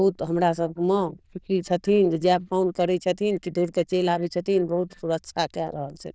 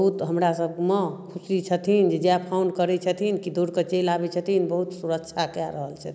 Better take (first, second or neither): second